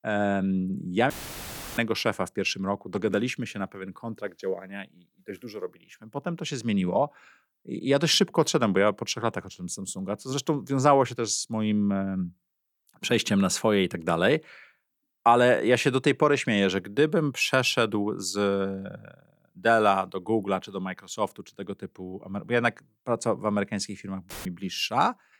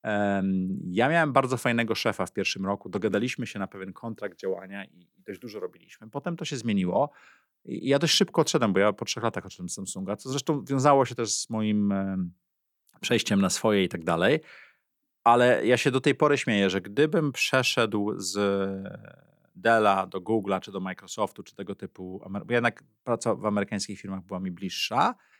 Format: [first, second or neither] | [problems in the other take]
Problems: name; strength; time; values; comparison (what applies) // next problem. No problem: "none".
second | audio cutting out; filled with static; at 1 s for 0.5 s and at 24 s